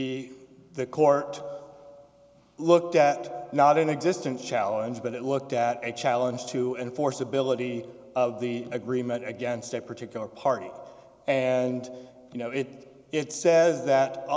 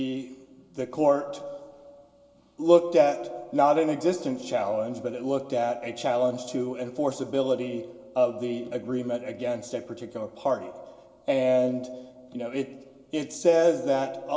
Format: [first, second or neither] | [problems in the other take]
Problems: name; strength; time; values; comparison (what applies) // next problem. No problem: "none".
first | room echo; dies away in 0.6 s